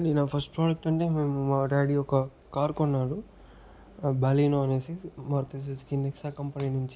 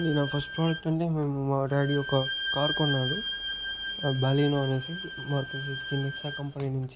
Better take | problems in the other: first | background sound (Bowed string instrument); 7 dB below the speech

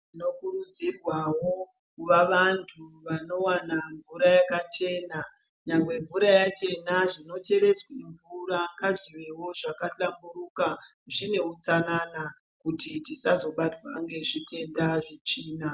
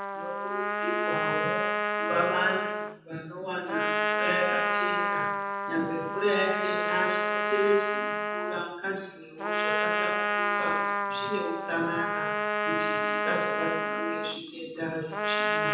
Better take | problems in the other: first | background sound (Trumpet); 3 dB above the speech // room echo; dies away in 0.8 s

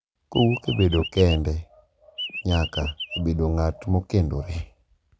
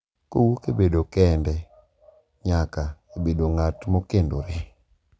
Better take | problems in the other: second | background sound (Chirp, tweet); 9 dB below the speech

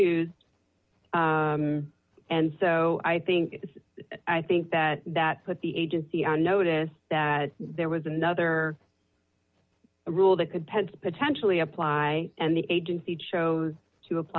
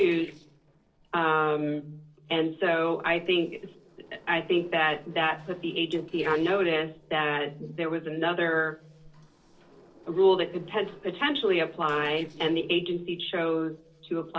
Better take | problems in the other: first | noise reduction (neural separator model SepFormer DNS4)

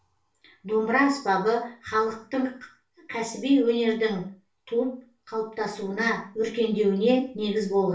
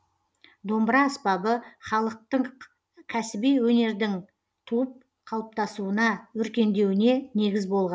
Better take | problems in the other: second | room echo; dies away in 0.3 s

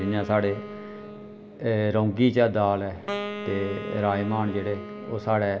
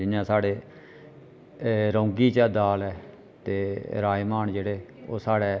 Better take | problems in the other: second | background sound (Wind instrument, woodwind instrument); 11 dB below the speech // room echo; dies away in 1.1 s

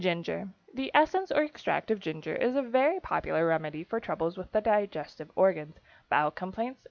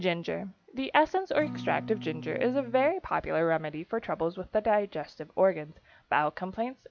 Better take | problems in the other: first | background sound (Acoustic guitar / Strum); 11 dB below the speech

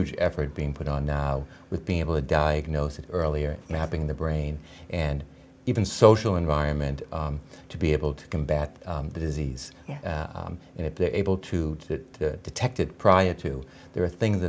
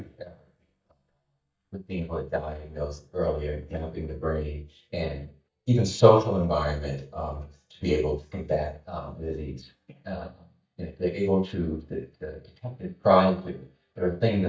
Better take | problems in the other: first | noise reduction (neural mask model DeepFilterNet 3)

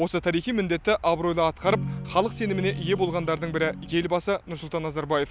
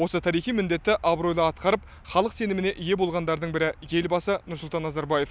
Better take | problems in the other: second | background sound (Guitar); 9 dB below the speech

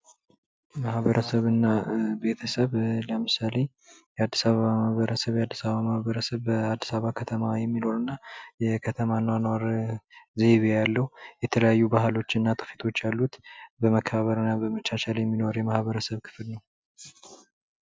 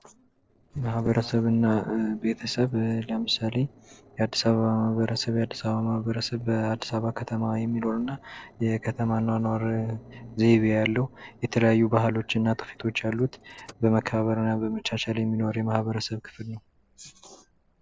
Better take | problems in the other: first | noise reduction (neural separator model SepFormer DNS4)

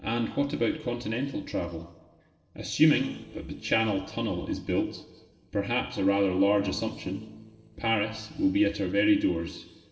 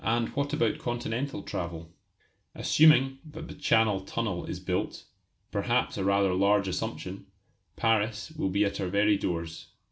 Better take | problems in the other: second | noise reduction (neural separator model SepFormer DNS4)

